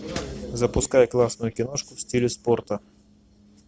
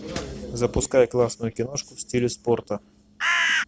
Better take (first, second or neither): first